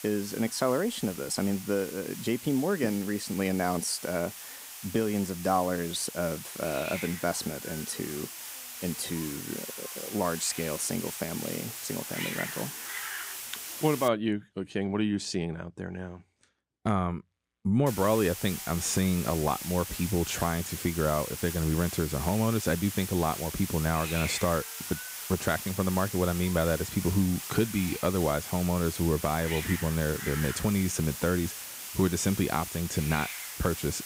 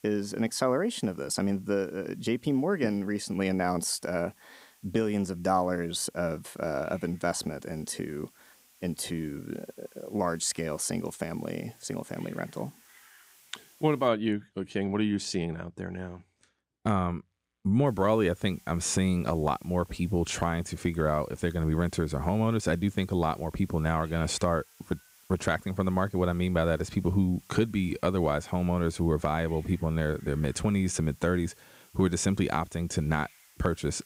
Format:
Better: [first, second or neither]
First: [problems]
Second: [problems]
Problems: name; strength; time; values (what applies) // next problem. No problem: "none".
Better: second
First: hiss; loud; until 14 s and from 18 s on; 7 dB below the speech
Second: hiss; faint; until 14 s and from 18 s on; 25 dB below the speech